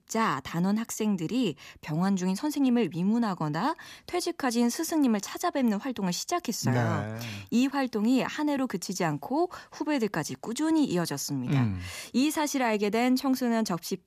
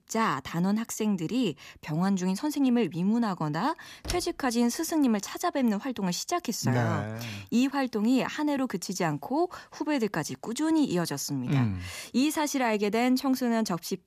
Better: first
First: none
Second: door banging; noticeable; at 4 s; peak 9 dB below the speech

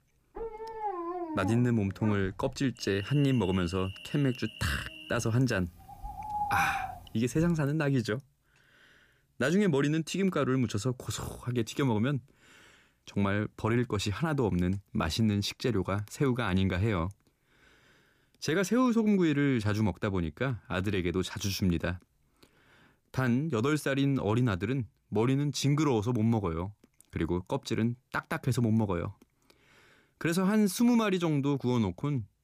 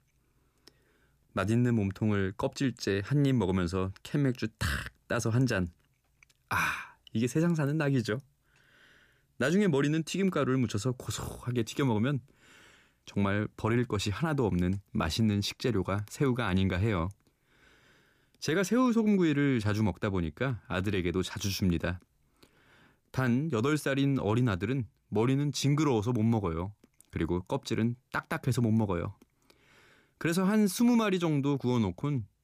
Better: second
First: animal sounds; loud; until 7.5 s; 10 dB below the speech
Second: none

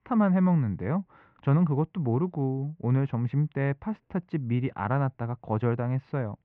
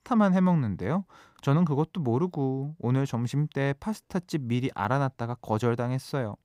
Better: second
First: muffled; very; fading above 2.5 kHz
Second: none

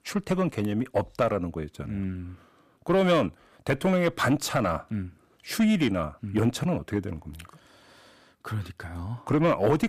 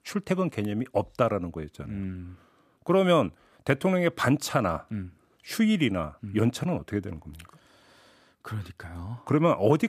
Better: second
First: distortion; slight; 9 dB below the speech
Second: none

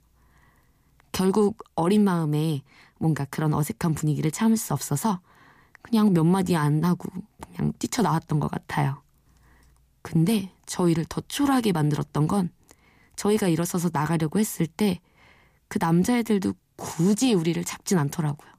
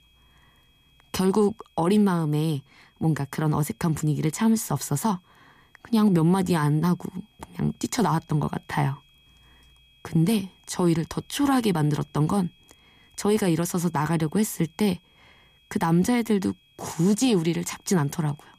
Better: first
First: none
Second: high-pitched whine; faint; throughout; 3.5 kHz, 35 dB below the speech

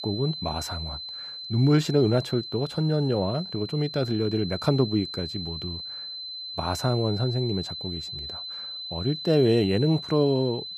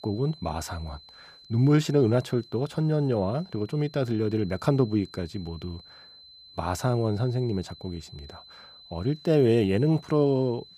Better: second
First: high-pitched whine; loud; throughout; 4 kHz, 9 dB below the speech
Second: high-pitched whine; faint; throughout; 4 kHz, 20 dB below the speech

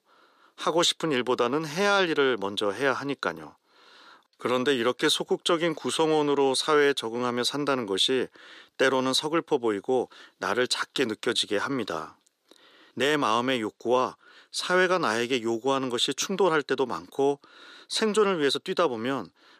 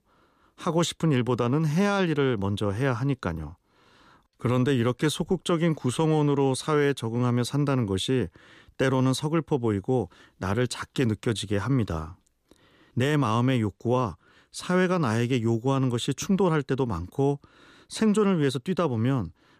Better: second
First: thin; somewhat; fading below 400 Hz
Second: none

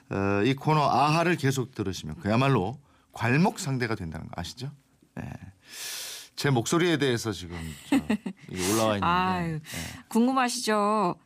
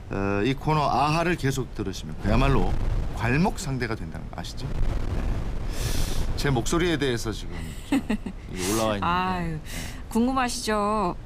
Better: first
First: none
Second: wind noise on the microphone; occasional gusts; 15 dB below the speech

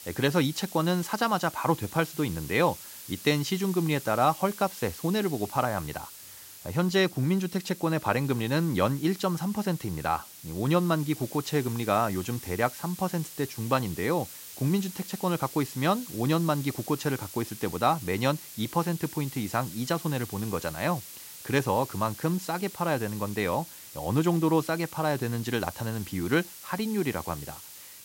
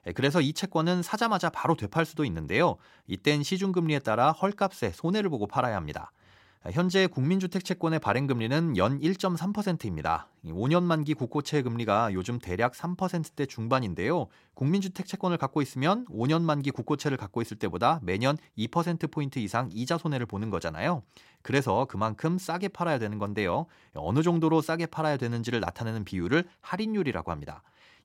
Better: second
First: hiss; noticeable; throughout; 15 dB below the speech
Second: none

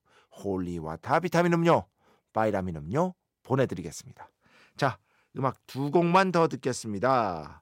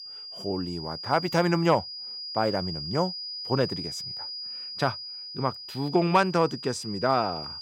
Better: first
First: none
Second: high-pitched whine; loud; throughout; 5 kHz, 8 dB below the speech

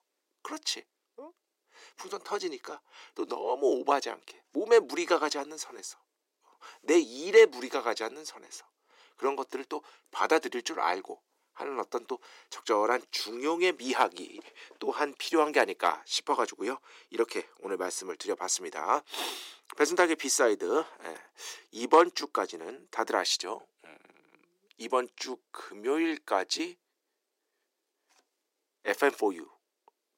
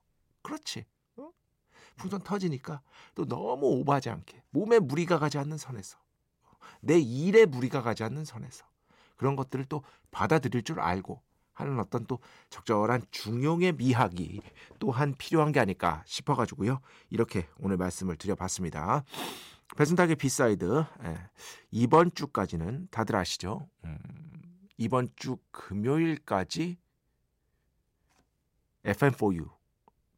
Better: second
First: thin; somewhat; fading below 300 Hz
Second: none

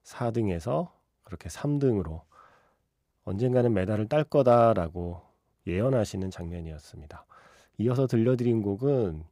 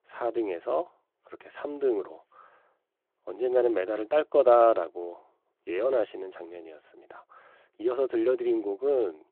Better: first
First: none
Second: phone-call audio

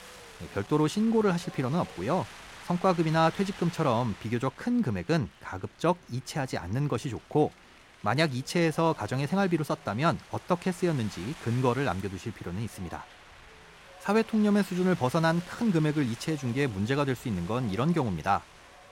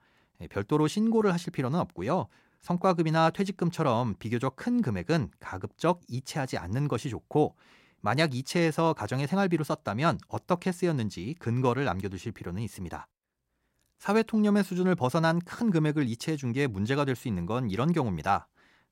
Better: second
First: wind noise on the microphone; occasional gusts; 15 dB below the speech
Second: none

